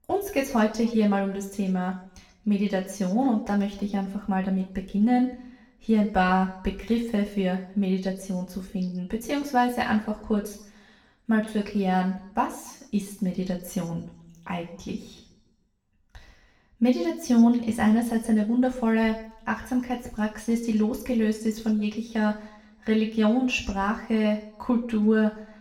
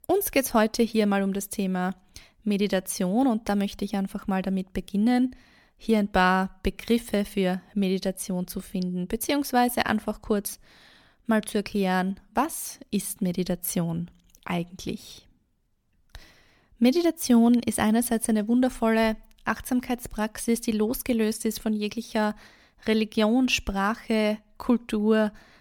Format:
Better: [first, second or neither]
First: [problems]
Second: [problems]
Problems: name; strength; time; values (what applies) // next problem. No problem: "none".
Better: second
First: room echo; slight; dies away in 0.7 s // off-mic speech; far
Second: none